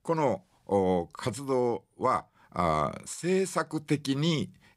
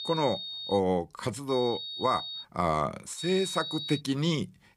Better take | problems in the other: first | high-pitched whine; loud; at the start, at 1.5 s and at 3 s; 3.5 kHz, 6 dB below the speech

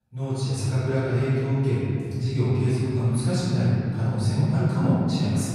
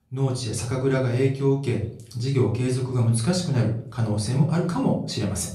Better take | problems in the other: second | room echo; strong; dies away in 3 s; slight in the second // off-mic speech; far; far in the second

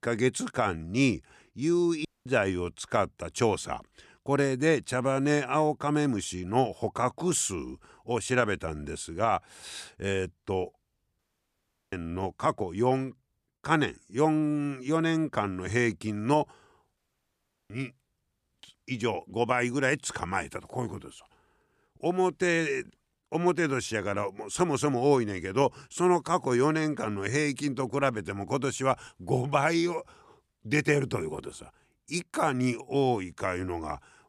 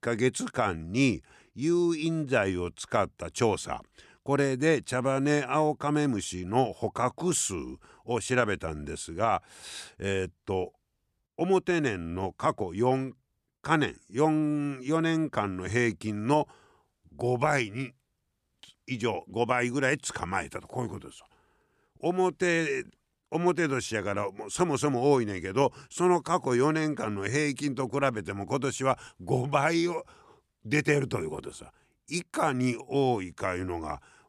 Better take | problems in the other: second | audio cutting out; at 2 s, at 11 s for 0.5 s and at 17 s for 0.5 s

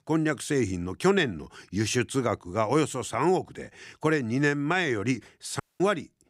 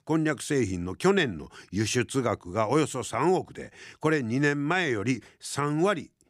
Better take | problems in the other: second | audio cutting out; at 5.5 s

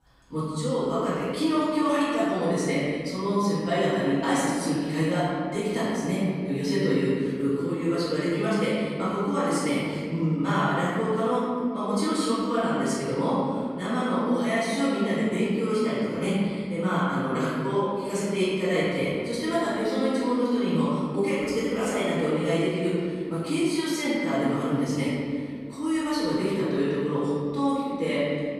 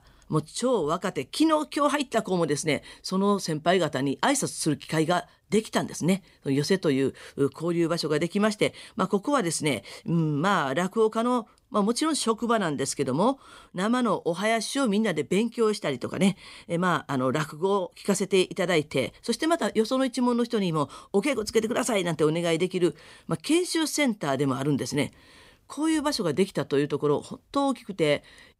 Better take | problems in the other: second | room echo; strong; dies away in 2.1 s // off-mic speech; far

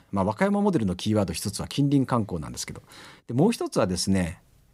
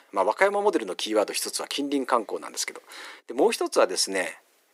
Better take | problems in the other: first | thin; very; fading below 350 Hz

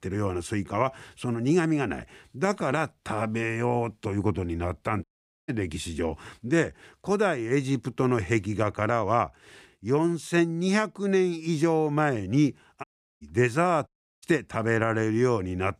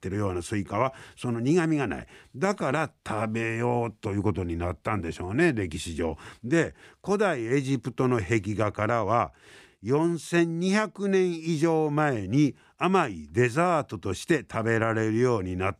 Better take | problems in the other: second | audio cutting out; at 5 s, at 13 s and at 14 s

